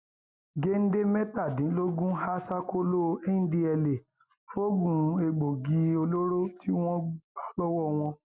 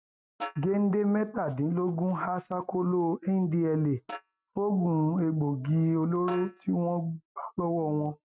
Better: first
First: none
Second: noise reduction (neural mask model RNNoise)

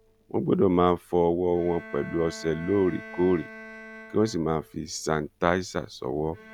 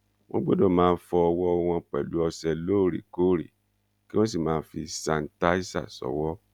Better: second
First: background sound (Bowed string instrument); 19 dB below the speech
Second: none

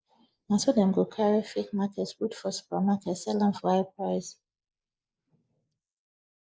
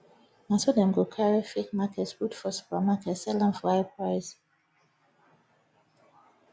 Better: second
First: noise reduction (neural mask model Resemble Enhance denoiser)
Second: none

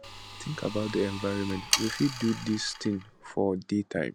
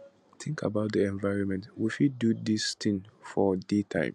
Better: second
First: background sound (Sawing); 6 dB below the speech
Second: none

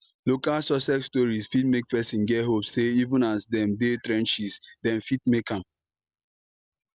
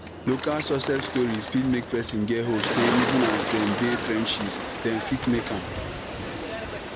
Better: first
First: none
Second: background sound (Bird); 3 dB below the speech

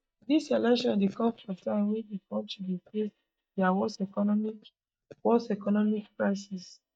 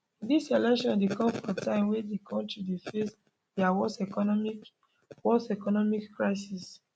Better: second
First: noise reduction (neural mask model DeepFilterNet 3)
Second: none

